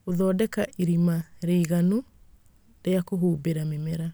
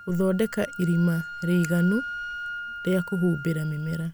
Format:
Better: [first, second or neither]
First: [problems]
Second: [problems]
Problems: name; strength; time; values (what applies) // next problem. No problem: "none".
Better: first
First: none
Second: background sound (Wind instrument, woodwind instrument); 11 dB below the speech